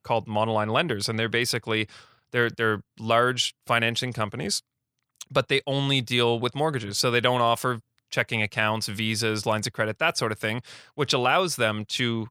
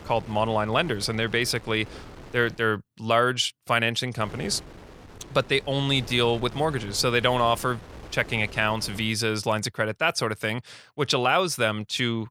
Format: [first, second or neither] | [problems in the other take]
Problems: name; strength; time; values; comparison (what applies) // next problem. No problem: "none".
first | wind noise on the microphone; occasional gusts; until 2.5 s and from 4 to 9 s; 20 dB below the speech